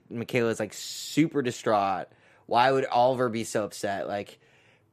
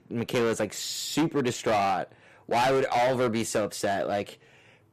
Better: first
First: none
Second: distortion; heavy; 13% of the sound clipped

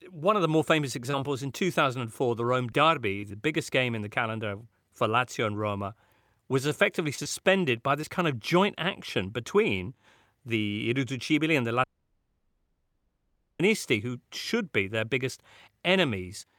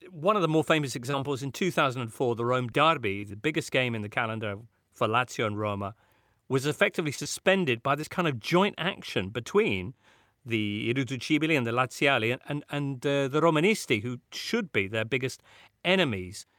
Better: second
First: audio cutting out; at 12 s for 2 s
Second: none

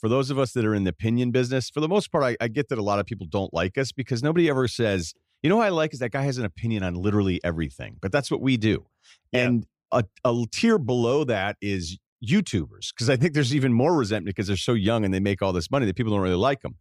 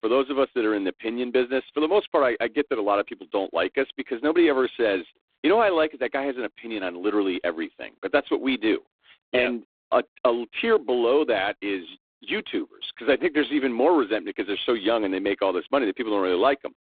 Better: first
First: none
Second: phone-call audio; poor line; nothing above 3.5 kHz

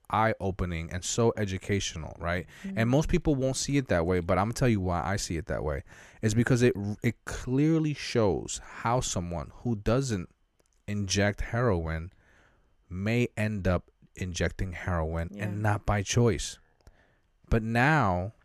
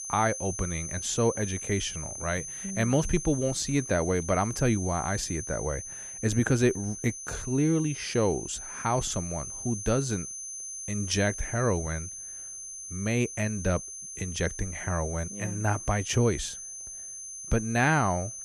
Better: first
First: none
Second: high-pitched whine; loud; throughout; 6 kHz, 7 dB below the speech

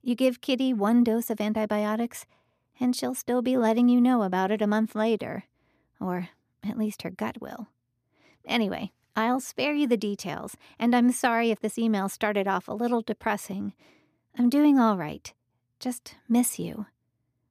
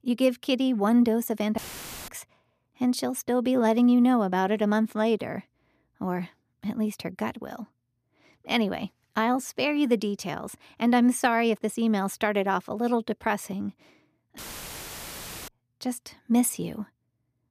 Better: first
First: none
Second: audio cutting out; filled with static; at 1.5 s for 0.5 s and at 14 s for 1 s

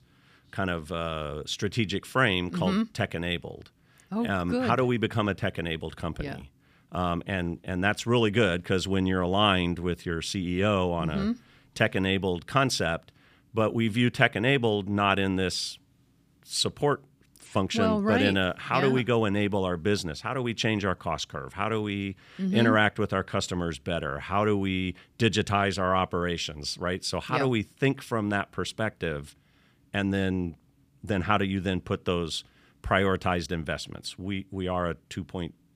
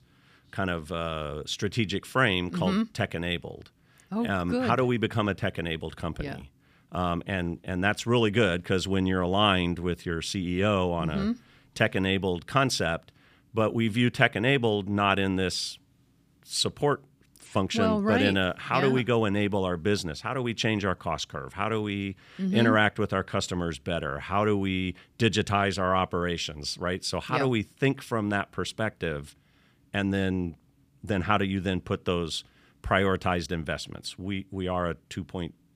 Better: neither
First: none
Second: none

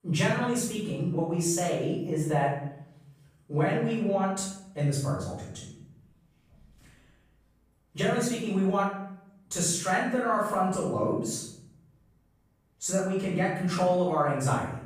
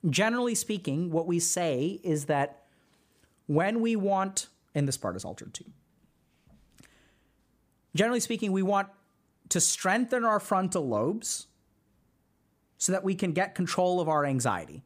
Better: second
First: off-mic speech; far // room echo; noticeable; dies away in 0.8 s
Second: none

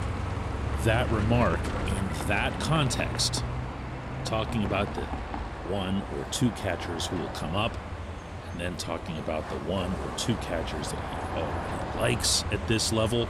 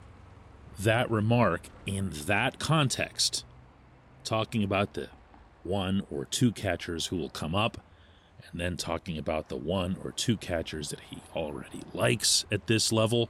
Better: second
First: traffic noise; loud; throughout; 5 dB below the speech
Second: traffic noise; faint; throughout; 25 dB below the speech

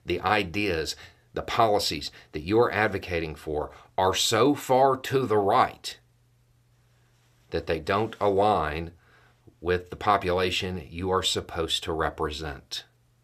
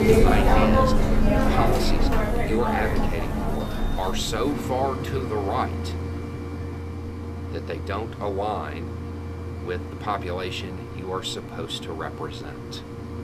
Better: first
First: none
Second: machinery noise; very loud; throughout; 4 dB above the speech

